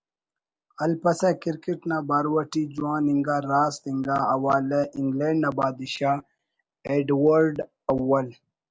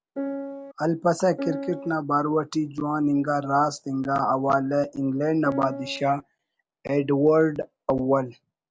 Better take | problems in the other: first | background sound (Piano); 7 dB below the speech

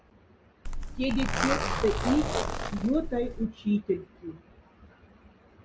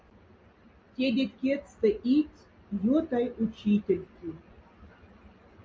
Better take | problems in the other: second | background sound (Zipper (clothing)); 1 dB above the speech

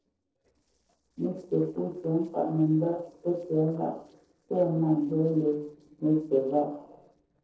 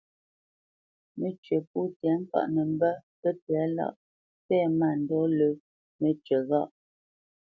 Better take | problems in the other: second | noise reduction (neural separator model SepFormer DNS4)

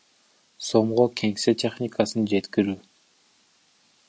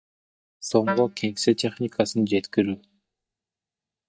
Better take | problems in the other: first | noise reduction (neural mask model DeepFilterNet 3)

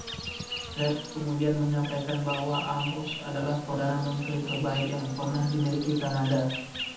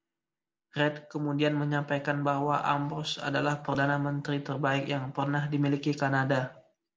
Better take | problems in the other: second | background sound (Insect); 9 dB below the speech // room echo; dies away in 0.8 s

